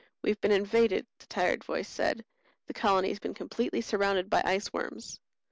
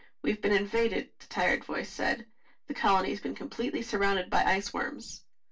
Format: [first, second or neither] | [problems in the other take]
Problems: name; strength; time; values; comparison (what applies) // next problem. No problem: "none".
first | room echo; dies away in 0.2 s